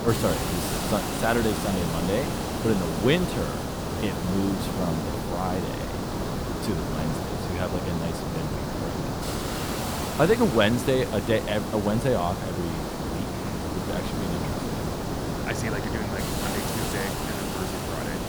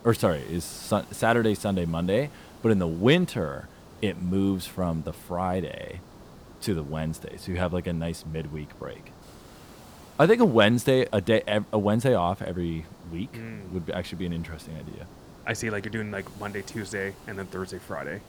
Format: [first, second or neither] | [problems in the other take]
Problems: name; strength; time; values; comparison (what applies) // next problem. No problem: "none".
second | hiss; loud; throughout; 1 dB below the speech; faint in the second